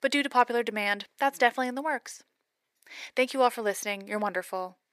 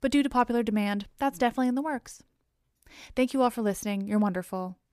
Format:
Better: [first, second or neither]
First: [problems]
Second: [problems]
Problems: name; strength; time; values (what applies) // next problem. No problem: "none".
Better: second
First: thin; somewhat; fading below 500 Hz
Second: none